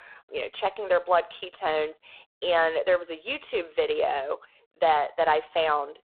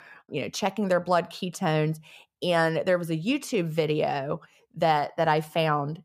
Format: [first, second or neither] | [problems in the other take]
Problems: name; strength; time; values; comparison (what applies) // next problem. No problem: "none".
second | phone-call audio; poor line